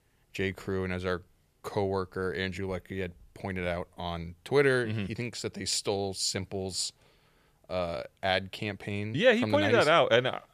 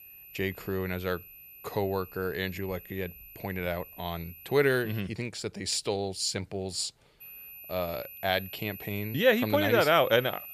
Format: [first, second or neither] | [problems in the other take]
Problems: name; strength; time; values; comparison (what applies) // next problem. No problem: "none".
first | high-pitched whine; noticeable; until 5 s and from 7 s on; 12 kHz, 15 dB below the speech